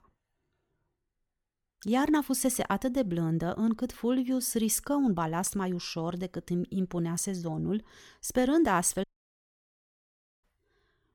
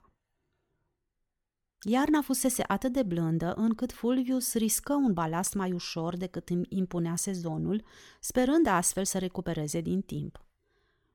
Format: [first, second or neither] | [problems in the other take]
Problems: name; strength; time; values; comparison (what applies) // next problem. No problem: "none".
second | audio cutting out; at 9 s for 1.5 s